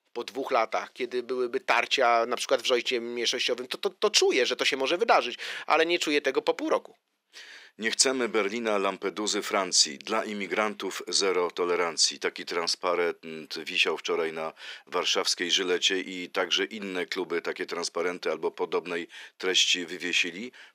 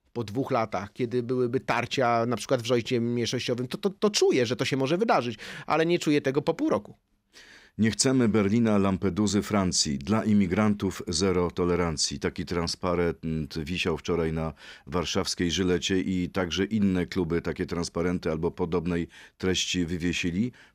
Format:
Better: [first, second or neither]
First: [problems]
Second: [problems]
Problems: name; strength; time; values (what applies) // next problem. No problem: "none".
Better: second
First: thin; somewhat; fading below 400 Hz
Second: none